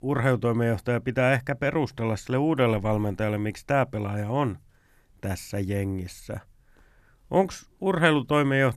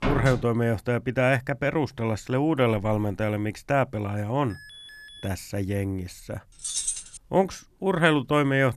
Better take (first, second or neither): first